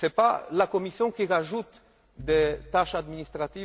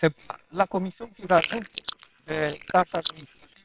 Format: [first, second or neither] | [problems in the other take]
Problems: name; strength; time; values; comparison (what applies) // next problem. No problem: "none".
first | noise reduction (neural separator model SepFormer WHAMR!)